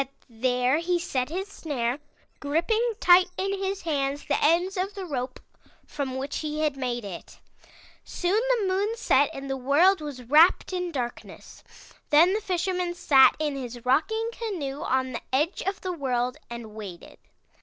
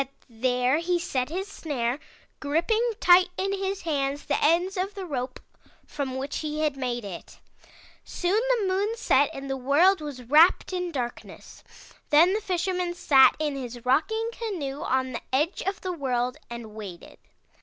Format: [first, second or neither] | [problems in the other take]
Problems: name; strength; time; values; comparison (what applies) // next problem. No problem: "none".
second | noise reduction (neural separator model SepFormer DNS4)